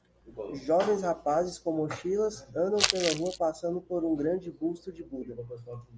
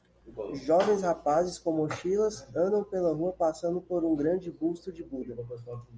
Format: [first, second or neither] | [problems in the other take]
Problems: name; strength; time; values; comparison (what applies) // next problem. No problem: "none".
second | background sound (Crumpling, crinkling); as loud as the speech